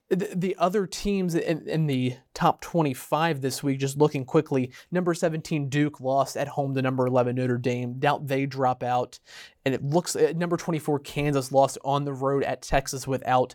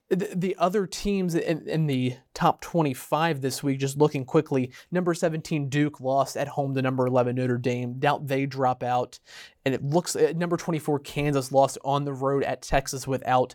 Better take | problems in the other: neither | none

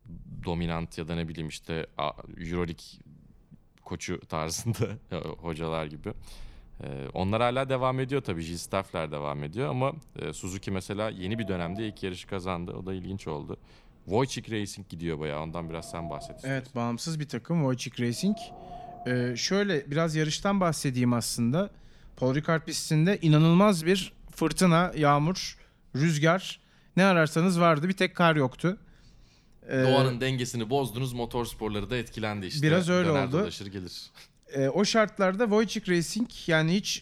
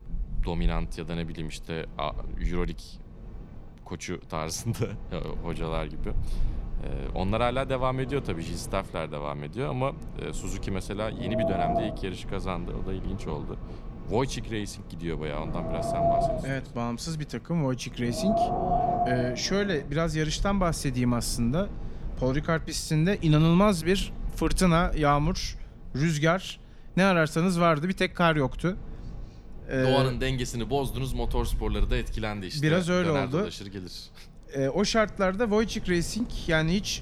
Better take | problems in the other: first | wind in the background; loud; throughout; 7 dB below the speech; faint in the first

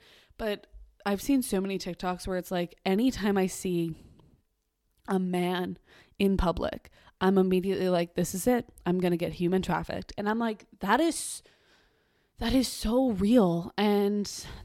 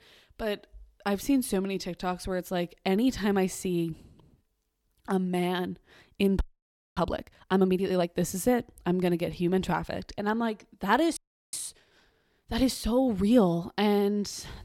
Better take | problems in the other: first | audio freezing; at 6.5 s for 0.5 s and at 11 s

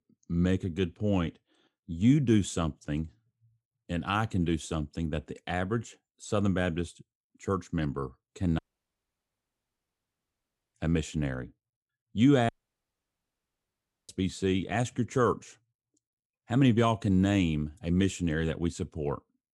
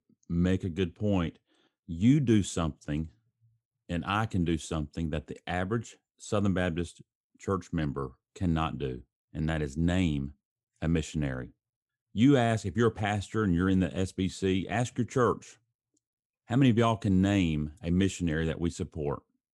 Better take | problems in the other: second | audio cutting out; at 8.5 s for 2 s and at 12 s for 1.5 s

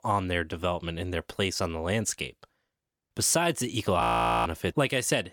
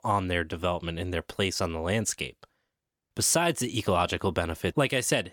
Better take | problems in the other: second | audio freezing; at 4 s

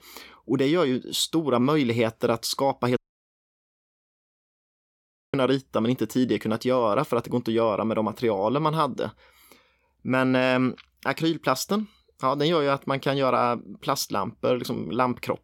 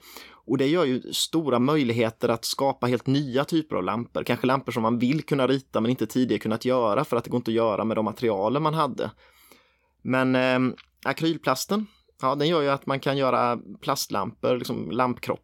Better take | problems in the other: second | audio cutting out; at 3 s for 2.5 s

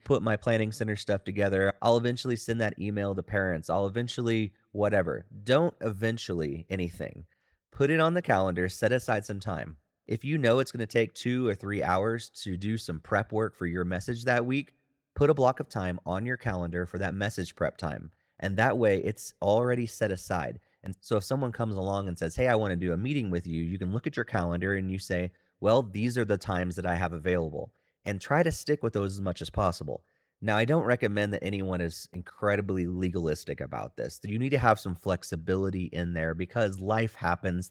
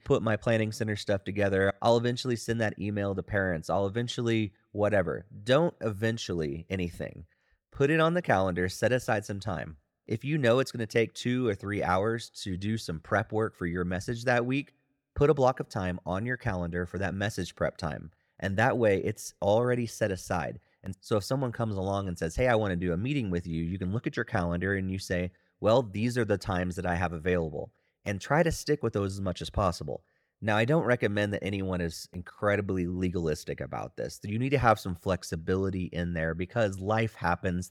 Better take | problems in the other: second | garbled, watery; slightly

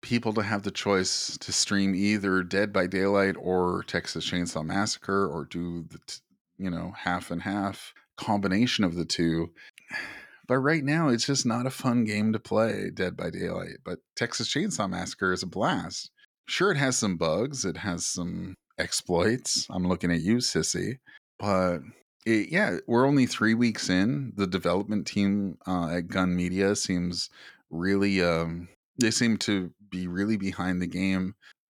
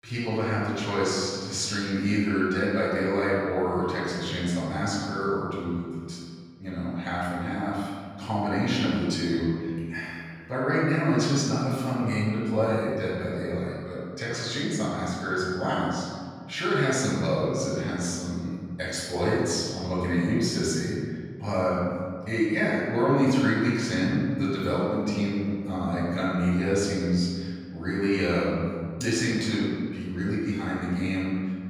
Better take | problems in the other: first | off-mic speech; far // room echo; strong; dies away in 1.9 s

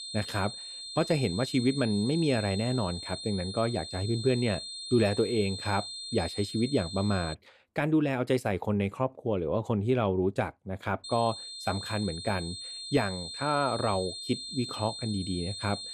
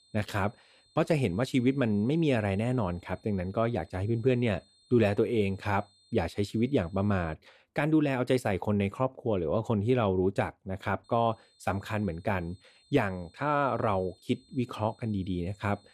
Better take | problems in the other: second | high-pitched whine; loud; until 7.5 s and from 11 s on; 4 kHz, 8 dB below the speech; faint in the second

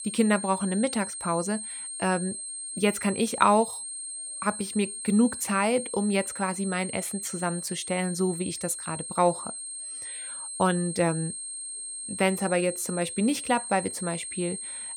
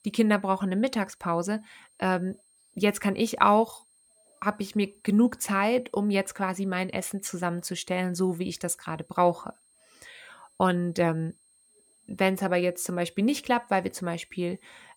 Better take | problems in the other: second | high-pitched whine; loud; throughout; 8.5 kHz, 7 dB below the speech; faint in the second

